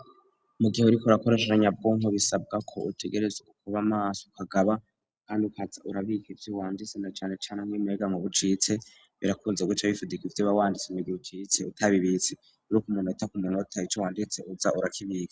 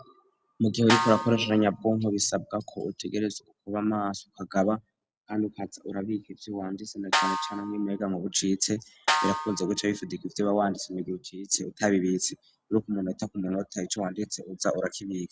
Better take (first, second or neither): first